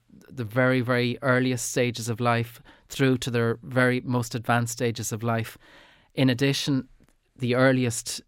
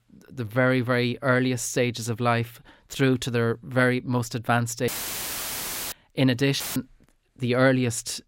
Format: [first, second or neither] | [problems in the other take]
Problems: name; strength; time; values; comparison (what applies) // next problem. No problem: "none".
first | audio cutting out; filled with static; at 5 s for 1 s and at 6.5 s